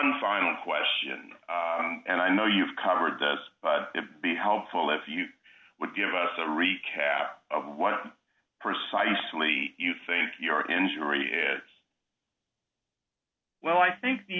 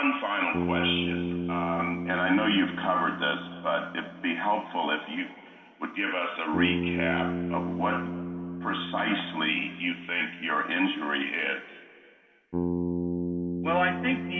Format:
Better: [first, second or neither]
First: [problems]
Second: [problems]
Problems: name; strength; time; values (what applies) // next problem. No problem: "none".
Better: first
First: none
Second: background sound (Bass guitar); 4 dB below the speech // room echo; dies away in 2.2 s